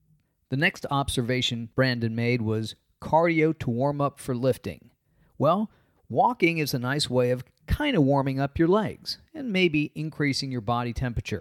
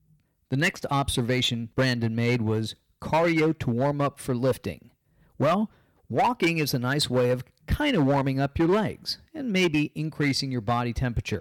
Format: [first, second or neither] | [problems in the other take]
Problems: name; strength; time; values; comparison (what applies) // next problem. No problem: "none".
first | distortion; slight; 6% of the sound clipped